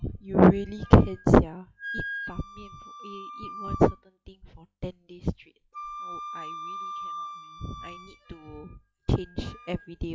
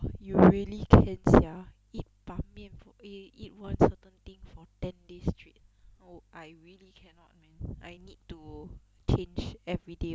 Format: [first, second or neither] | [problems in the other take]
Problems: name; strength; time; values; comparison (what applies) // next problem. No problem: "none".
second | noise reduction (classical method log-MMSE)